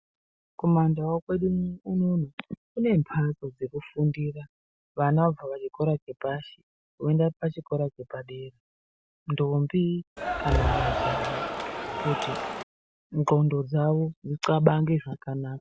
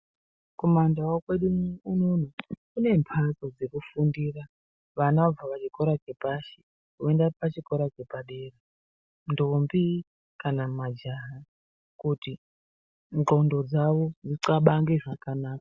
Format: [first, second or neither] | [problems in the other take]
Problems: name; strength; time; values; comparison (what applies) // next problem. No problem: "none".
second | background sound (Cheering); 1 dB below the speech